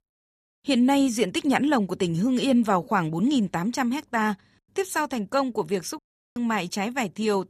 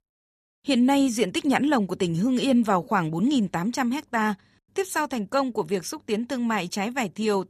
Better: second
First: audio cutting out; at 6 s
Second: none

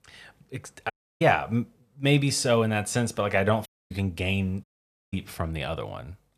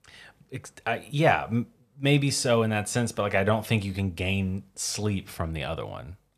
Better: second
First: audio cutting out; at 1 s, at 3.5 s and at 4.5 s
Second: none

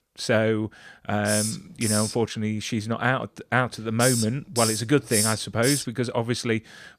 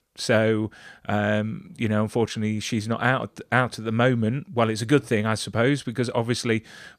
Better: second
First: hiss; very faint; from 1 to 2.5 s and from 3.5 to 6 s; 2 dB below the speech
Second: none

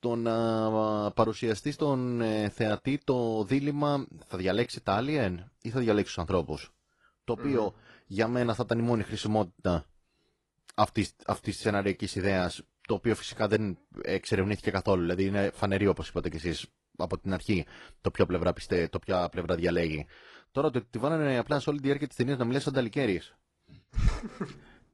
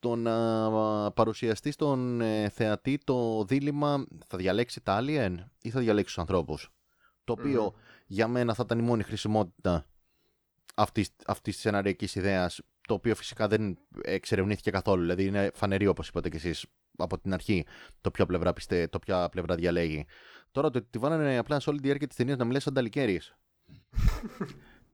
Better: second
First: garbled, watery; slightly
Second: none

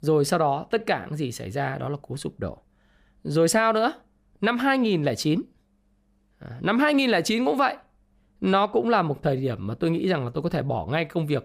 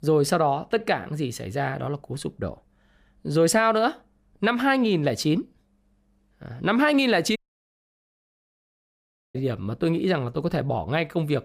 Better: first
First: none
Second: audio cutting out; at 7.5 s for 2 s

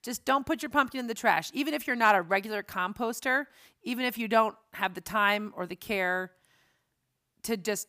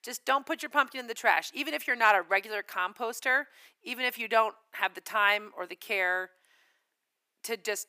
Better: first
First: none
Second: thin; somewhat; fading below 350 Hz

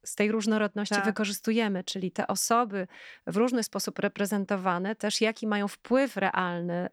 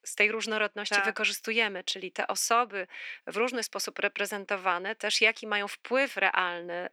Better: first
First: none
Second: thin; somewhat; fading below 300 Hz

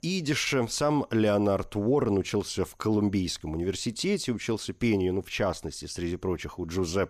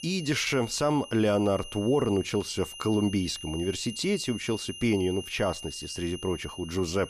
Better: first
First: none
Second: high-pitched whine; noticeable; throughout; 3 kHz, 10 dB below the speech

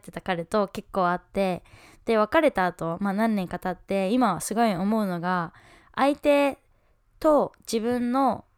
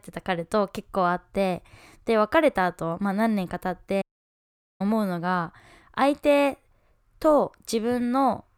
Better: first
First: none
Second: audio cutting out; at 4 s for 1 s

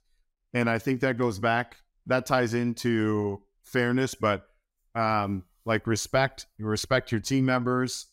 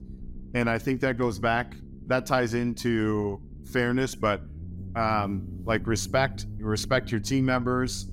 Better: first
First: none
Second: low rumble; faint; throughout; 25 dB below the speech

